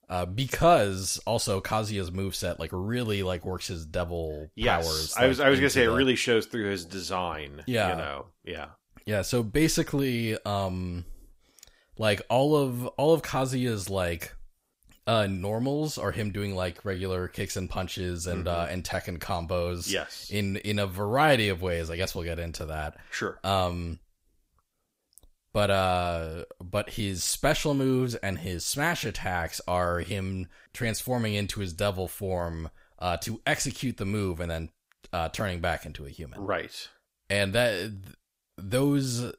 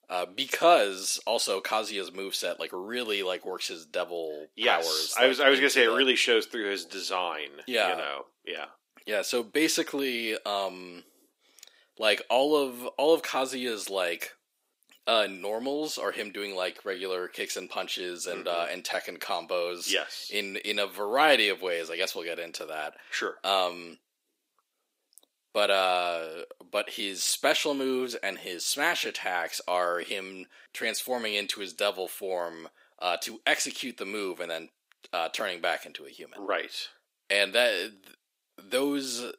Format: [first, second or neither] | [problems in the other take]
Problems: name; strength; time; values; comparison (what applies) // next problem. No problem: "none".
first | thin; somewhat; fading below 300 Hz